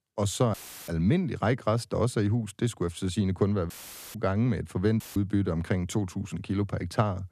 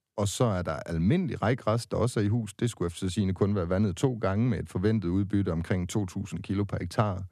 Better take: second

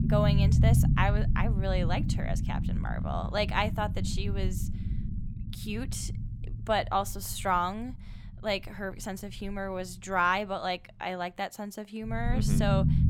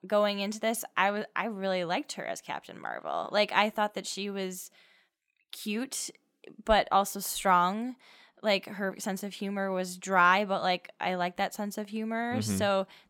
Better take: second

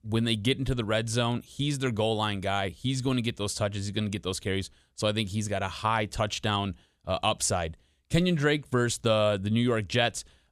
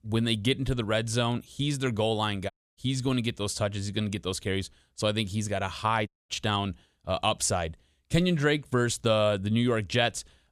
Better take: first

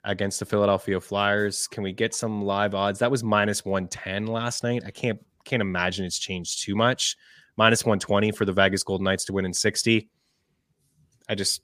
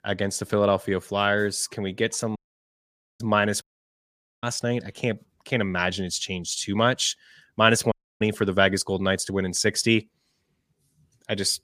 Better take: first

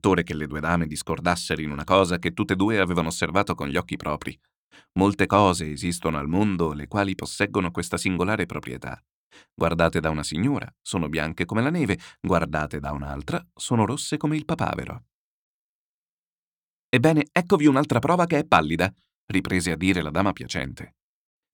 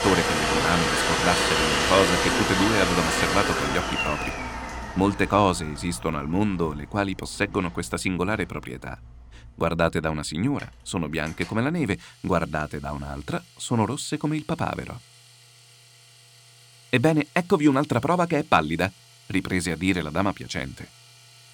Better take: first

